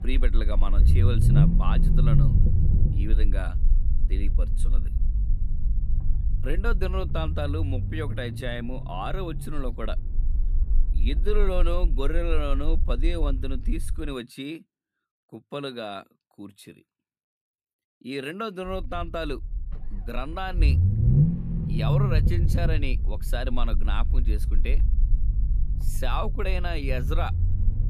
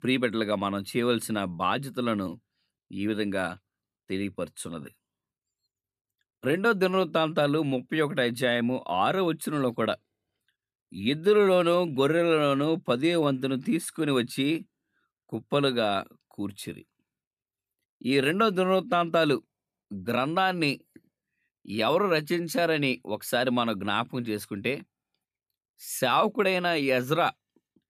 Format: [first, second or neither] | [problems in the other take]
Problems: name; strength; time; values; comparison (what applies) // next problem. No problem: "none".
second | low rumble; loud; until 14 s and from 19 s on; 7 dB below the speech